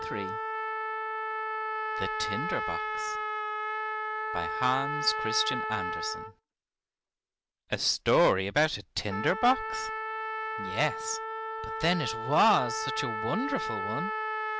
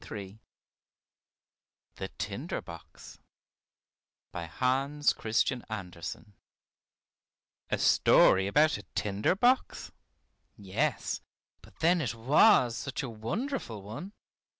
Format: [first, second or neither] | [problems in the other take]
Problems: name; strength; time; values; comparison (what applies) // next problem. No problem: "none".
second | background sound (Trumpet); 2 dB below the speech